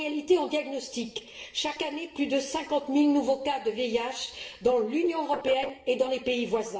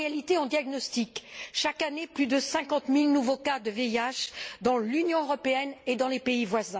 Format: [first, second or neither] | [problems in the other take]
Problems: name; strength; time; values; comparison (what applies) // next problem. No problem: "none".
second | noise reduction (neural separator model SepFormer DNS4)